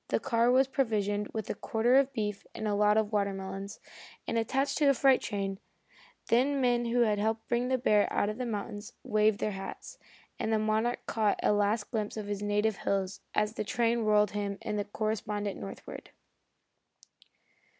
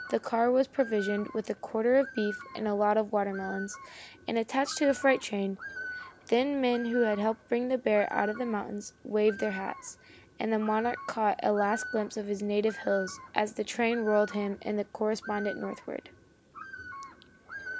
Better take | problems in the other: first | background sound (Bird); 14 dB below the speech

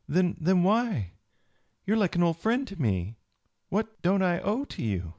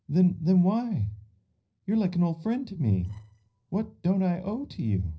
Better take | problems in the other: first | noise reduction (neural separator model SepFormer DNS4)

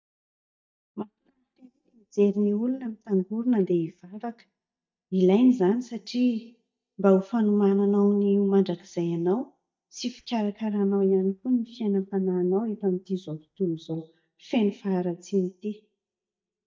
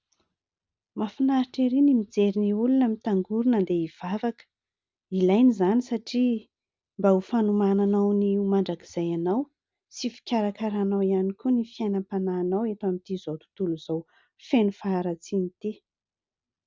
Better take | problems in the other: second | noise reduction (neural mask model DeepFilterNet 3)

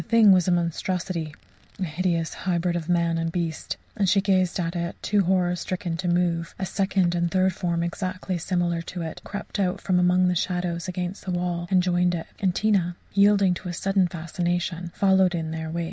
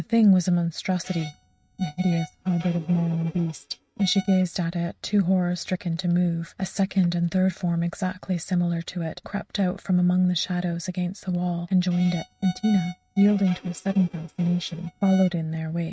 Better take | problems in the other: first | noise reduction (neural mask model RNNoise)

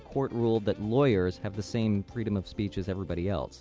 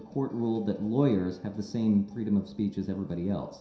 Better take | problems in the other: first | room echo; dies away in 0.7 s

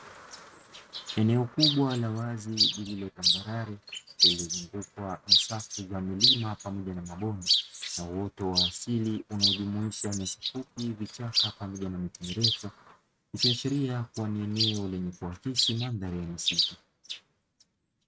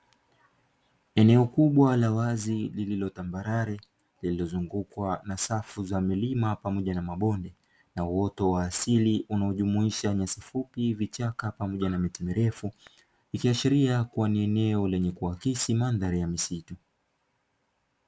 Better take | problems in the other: second | noise reduction (neural mask model RNNoise)

